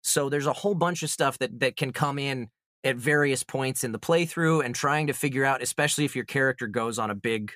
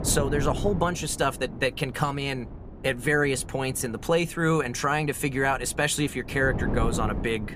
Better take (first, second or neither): first